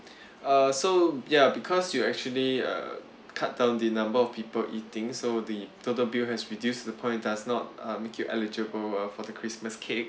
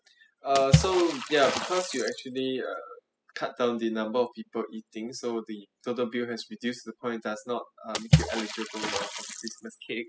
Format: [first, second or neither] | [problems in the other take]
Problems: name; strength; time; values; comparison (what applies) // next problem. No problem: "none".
first | noise reduction (classical method spectral subtraction)